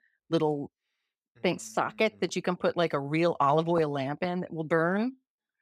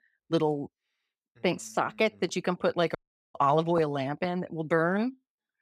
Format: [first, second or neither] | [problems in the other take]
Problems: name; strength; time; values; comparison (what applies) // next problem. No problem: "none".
first | audio cutting out; at 3 s